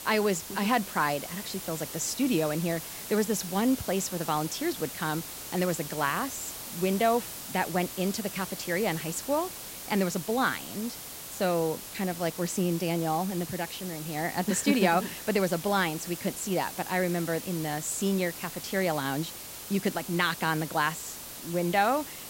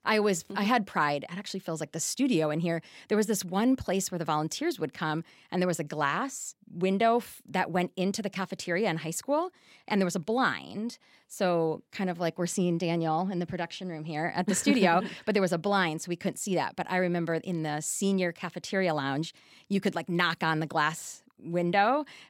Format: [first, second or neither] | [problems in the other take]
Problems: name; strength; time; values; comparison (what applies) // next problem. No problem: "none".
second | hiss; loud; throughout; 9 dB below the speech